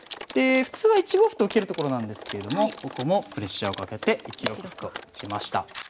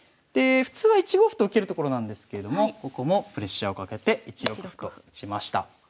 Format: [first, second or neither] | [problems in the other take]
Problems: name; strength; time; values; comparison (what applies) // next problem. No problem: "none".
second | background sound (Typing); 16 dB below the speech